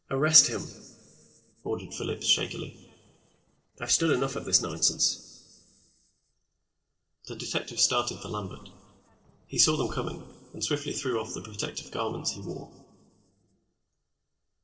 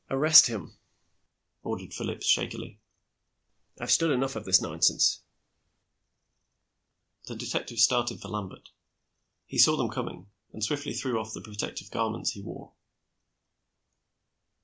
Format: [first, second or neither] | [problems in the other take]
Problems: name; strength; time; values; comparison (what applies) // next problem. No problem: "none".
second | noise reduction (neural separator model SepFormer DNS4)